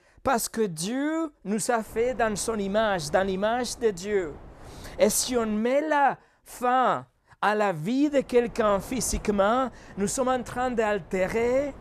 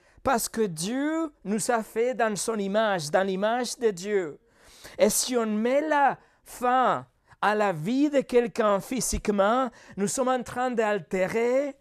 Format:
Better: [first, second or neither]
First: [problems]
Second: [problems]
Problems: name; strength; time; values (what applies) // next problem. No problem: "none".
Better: second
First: wind noise on the microphone; occasional gusts; from 2 to 5.5 s and from 8 s on; 25 dB below the speech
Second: none